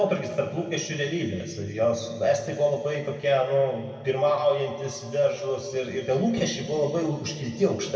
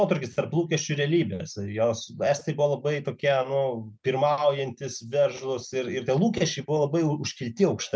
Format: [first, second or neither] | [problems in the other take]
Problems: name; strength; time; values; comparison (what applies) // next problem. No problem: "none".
second | room echo; dies away in 2.1 s